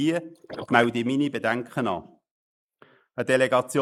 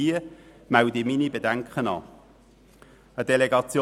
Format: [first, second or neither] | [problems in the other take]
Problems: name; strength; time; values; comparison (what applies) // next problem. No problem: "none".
second | noise reduction (neural mask model Resemble Enhance denoiser)